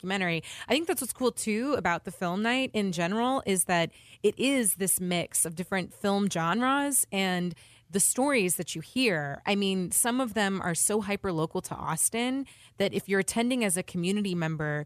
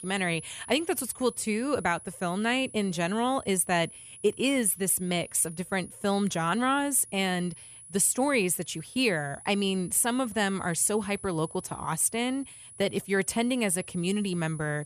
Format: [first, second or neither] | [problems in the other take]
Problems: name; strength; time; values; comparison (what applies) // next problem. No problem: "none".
first | high-pitched whine; noticeable; throughout; 10 kHz, 15 dB below the speech